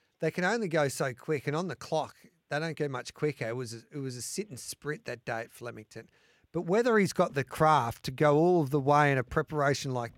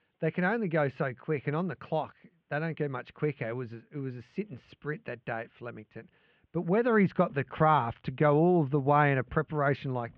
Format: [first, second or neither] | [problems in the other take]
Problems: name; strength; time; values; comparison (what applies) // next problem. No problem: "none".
first | muffled; very; fading above 3 kHz